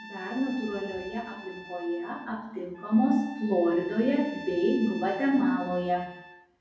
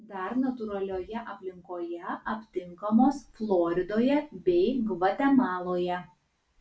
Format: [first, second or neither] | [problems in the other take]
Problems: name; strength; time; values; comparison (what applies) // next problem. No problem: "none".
second | background sound (Trumpet); 18 dB below the speech // room echo; dies away in 0.8 s